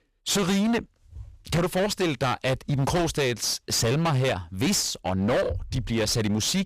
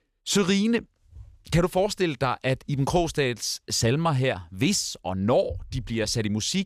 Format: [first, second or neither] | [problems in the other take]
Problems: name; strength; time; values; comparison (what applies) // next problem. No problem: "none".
second | distortion; heavy; 23% of the sound clipped